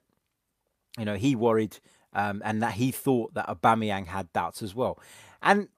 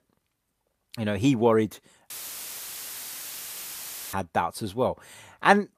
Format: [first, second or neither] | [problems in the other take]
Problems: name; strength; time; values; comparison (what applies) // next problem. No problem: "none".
first | audio cutting out; filled with static; at 2 s for 2 s